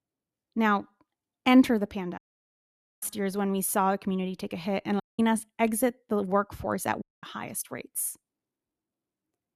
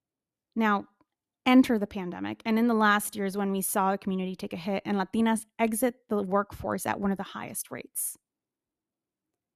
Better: second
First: audio cutting out; at 2 s for 1 s, at 5 s and at 7 s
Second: none

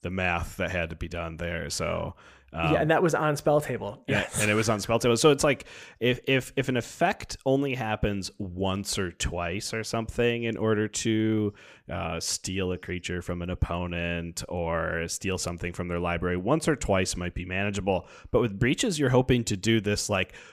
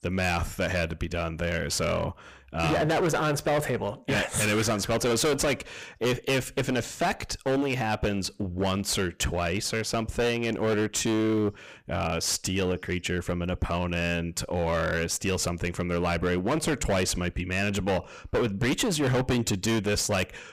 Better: first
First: none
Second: distortion; heavy; 18% of the sound clipped

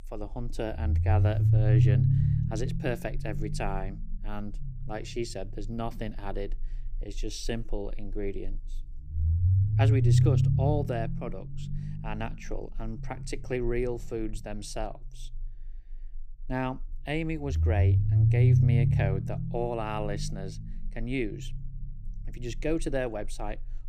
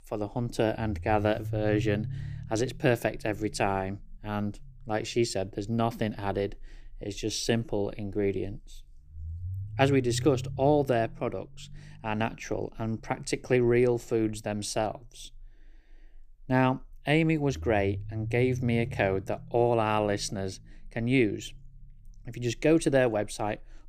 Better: second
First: low rumble; loud; throughout; 3 dB below the speech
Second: low rumble; faint; throughout; 25 dB below the speech

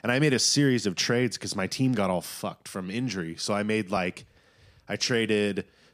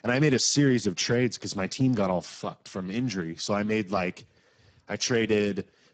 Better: first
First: none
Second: garbled, watery; badly; nothing above 7.5 kHz

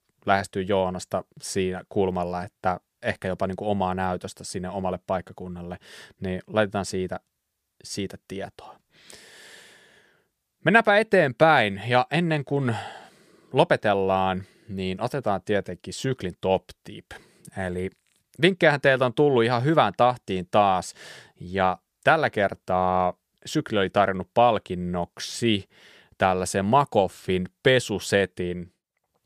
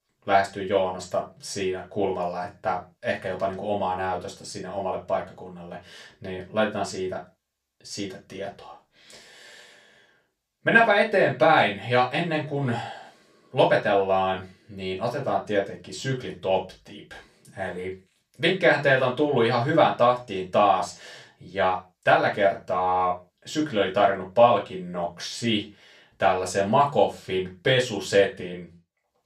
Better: first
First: none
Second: room echo; slight; dies away in 0.2 s // off-mic speech; far

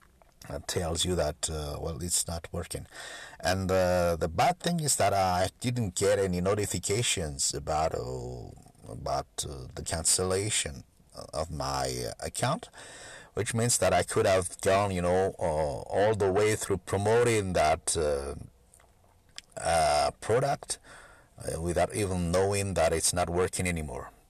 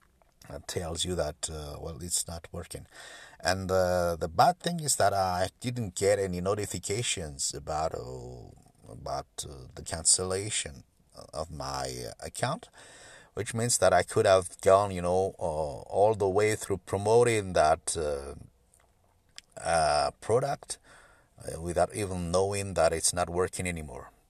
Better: second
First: distortion; heavy; 8 dB below the speech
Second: none

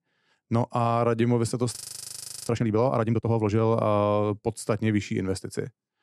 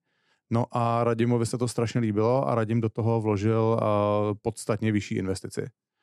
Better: second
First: audio freezing; at 2 s for 0.5 s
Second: none

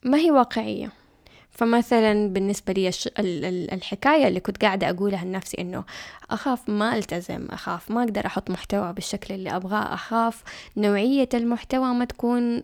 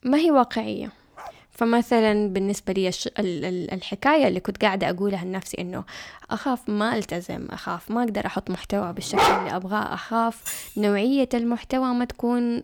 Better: first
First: none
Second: dog barking; faint; at 1 s; peak 20 dB below the speech // dog barking; loud; at 9 s; peak 5 dB above the speech // jangling keys; noticeable; at 10 s; peak 7 dB below the speech

